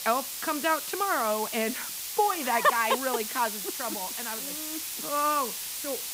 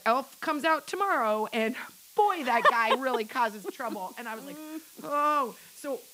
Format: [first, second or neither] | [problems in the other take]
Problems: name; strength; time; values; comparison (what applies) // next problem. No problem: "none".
second | hiss; loud; throughout; 4 dB below the speech; faint in the second